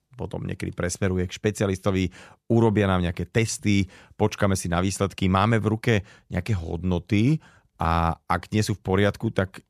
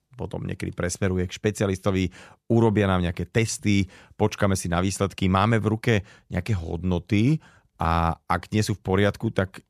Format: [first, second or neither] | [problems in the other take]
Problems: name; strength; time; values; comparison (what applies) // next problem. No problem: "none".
neither | none